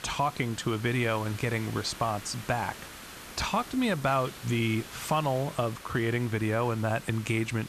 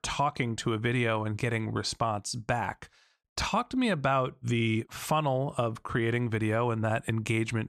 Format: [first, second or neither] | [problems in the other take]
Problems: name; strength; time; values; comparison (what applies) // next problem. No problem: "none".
second | hiss; noticeable; throughout; 15 dB below the speech